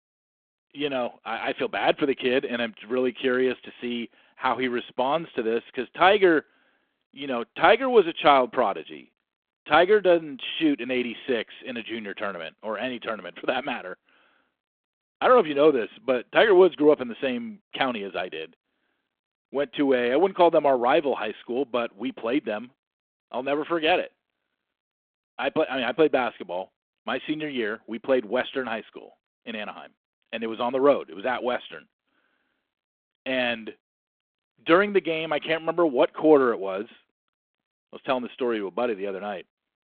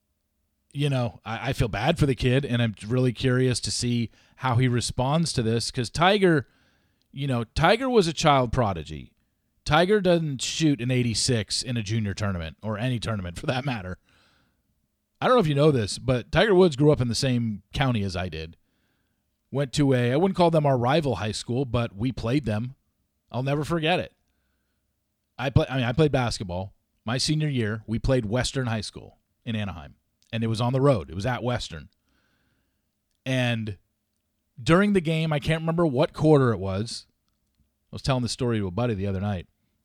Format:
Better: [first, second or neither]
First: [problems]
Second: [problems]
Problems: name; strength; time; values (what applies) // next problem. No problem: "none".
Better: second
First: phone-call audio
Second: none